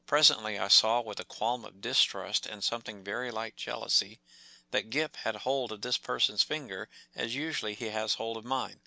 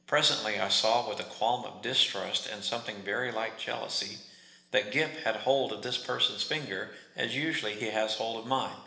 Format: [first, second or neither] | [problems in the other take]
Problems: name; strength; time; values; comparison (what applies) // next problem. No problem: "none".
first | room echo; dies away in 1.1 s